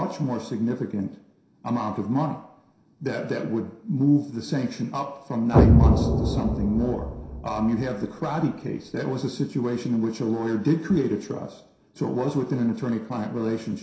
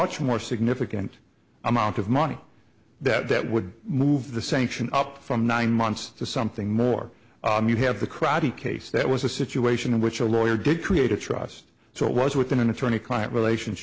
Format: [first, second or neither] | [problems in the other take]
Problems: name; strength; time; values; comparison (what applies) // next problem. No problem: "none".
second | background sound (Explosion); 4 dB above the speech // room echo; dies away in 0.7 s